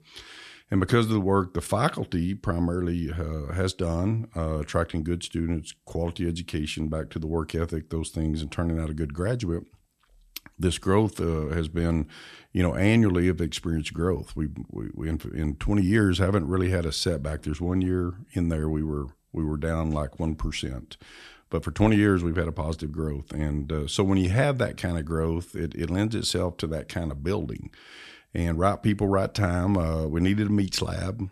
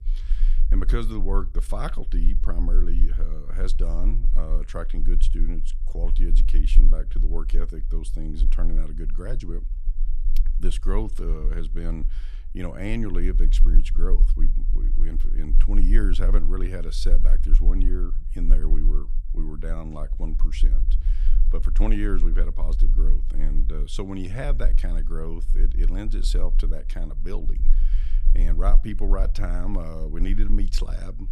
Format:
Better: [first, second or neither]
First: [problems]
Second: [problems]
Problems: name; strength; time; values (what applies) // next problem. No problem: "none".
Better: first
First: none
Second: low rumble; noticeable; throughout; 15 dB below the speech